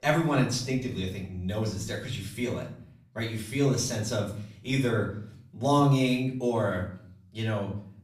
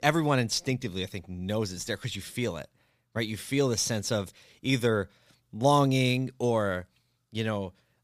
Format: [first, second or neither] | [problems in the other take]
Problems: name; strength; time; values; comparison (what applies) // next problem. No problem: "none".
second | off-mic speech; far // room echo; slight; dies away in 0.6 s